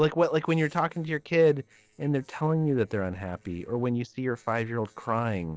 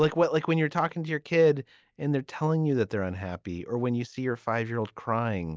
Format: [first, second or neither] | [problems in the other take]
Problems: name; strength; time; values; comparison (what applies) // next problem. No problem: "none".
second | noise reduction (neural separator model SepFormer DNS4)